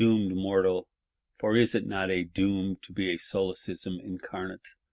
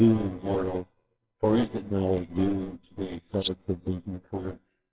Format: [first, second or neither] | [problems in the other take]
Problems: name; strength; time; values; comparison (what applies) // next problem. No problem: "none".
first | noise reduction (neural separator model SepFormer WHAMR!)